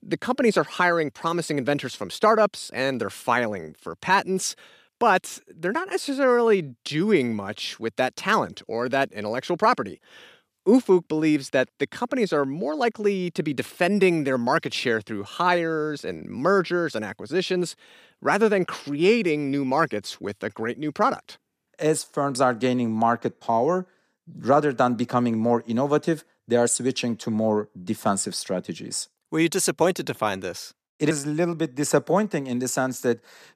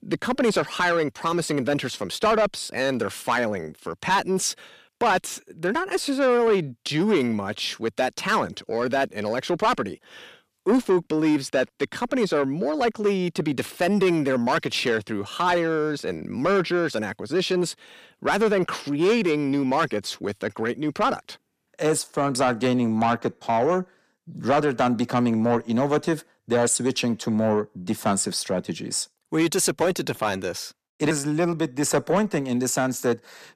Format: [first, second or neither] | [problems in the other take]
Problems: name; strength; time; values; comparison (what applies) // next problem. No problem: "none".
first | distortion; slight; 10 dB below the speech